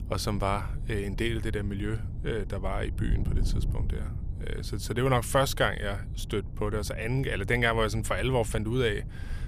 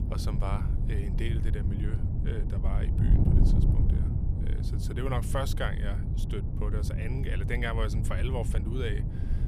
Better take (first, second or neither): first